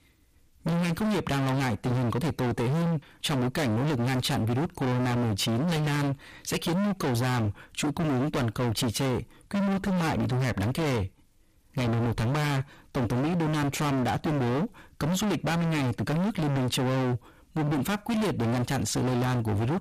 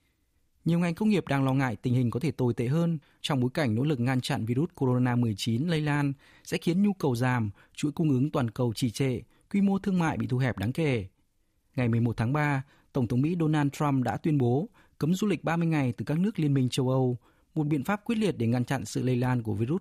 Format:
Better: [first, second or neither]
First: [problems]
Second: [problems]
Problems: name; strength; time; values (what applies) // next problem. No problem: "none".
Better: second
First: distortion; heavy; 46% of the sound clipped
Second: none